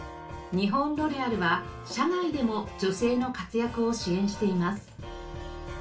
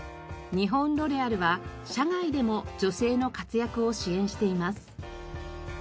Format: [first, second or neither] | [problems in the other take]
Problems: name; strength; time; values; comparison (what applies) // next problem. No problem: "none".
second | room echo; dies away in 0.3 s